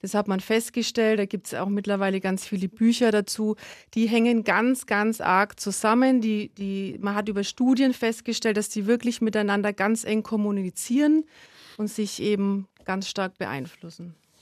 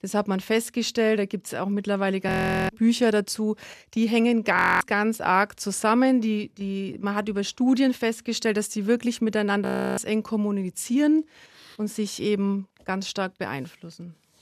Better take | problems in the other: first | audio freezing; at 2.5 s, at 4.5 s and at 9.5 s

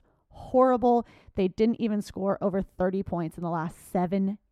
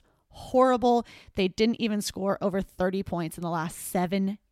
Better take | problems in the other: second | muffled; slightly; fading above 2 kHz

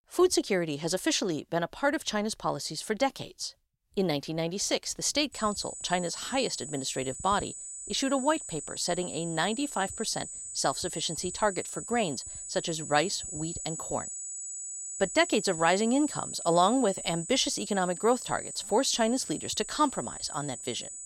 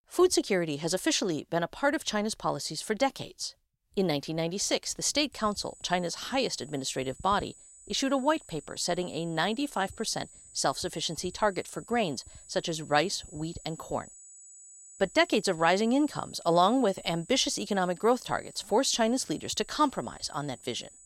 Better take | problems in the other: second | high-pitched whine; loud; from 5.5 s on; 8 kHz, 8 dB below the speech; faint in the second

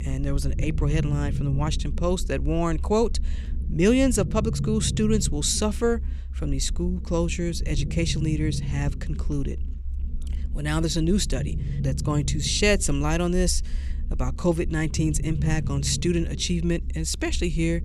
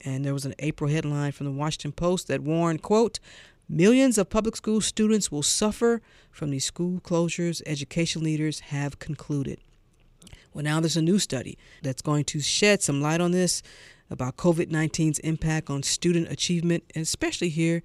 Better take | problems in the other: second | low rumble; noticeable; throughout; 15 dB below the speech

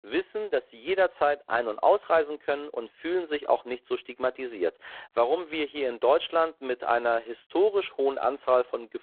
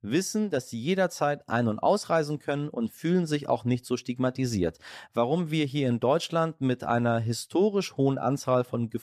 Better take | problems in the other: second | phone-call audio; poor line; nothing above 3.5 kHz

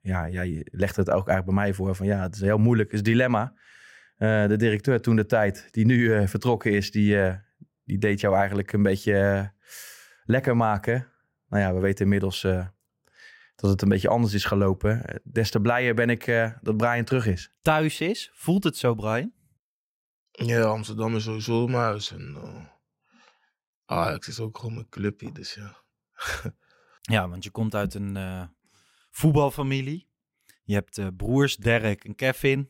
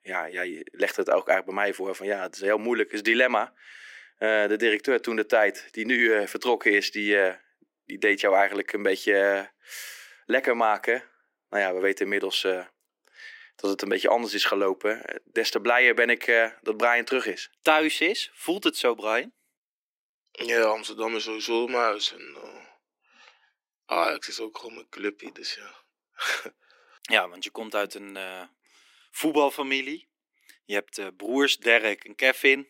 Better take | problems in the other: first | thin; very; fading below 300 Hz

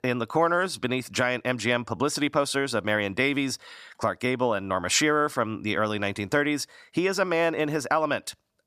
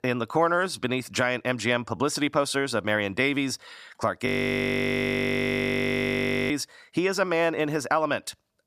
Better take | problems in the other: first | audio freezing; at 4.5 s for 2 s

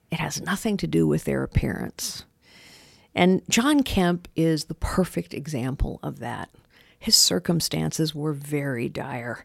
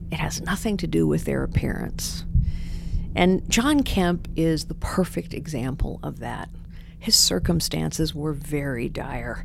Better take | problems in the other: first | low rumble; faint; throughout; 20 dB below the speech

